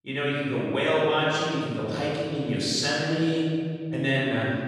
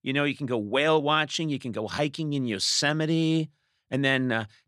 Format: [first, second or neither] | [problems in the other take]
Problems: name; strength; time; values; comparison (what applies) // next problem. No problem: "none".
second | off-mic speech; far // room echo; strong; dies away in 2 s